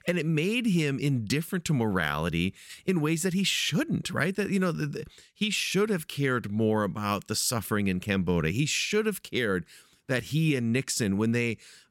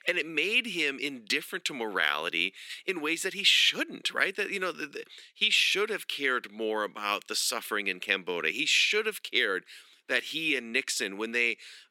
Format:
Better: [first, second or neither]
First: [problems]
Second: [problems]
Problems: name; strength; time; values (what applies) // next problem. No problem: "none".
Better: first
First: none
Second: thin; very; fading below 300 Hz